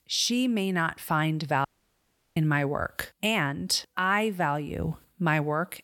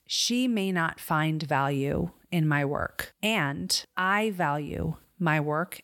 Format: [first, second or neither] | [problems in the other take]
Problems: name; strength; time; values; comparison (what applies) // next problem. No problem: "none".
second | audio cutting out; at 1.5 s for 0.5 s